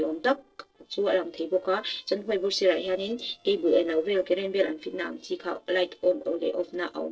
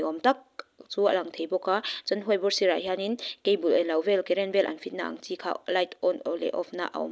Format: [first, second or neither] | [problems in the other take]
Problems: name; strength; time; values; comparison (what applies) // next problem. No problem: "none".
second | noise reduction (neural separator model SepFormer DNS4)